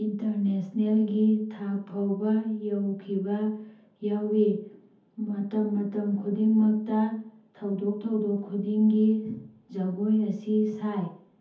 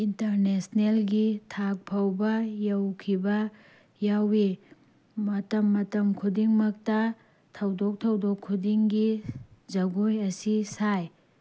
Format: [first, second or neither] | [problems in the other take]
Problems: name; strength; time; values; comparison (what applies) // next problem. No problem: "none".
second | room echo; dies away in 0.5 s